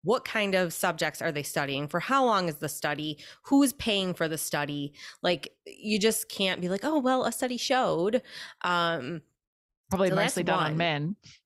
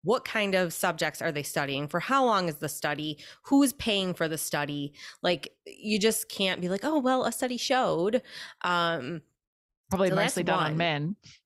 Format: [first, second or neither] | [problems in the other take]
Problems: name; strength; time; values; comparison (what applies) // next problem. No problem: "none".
neither | none